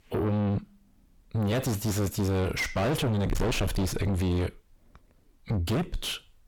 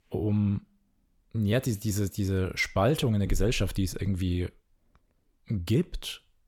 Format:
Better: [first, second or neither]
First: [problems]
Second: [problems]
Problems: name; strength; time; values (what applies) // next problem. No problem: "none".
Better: second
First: distortion; heavy; 5 dB below the speech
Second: none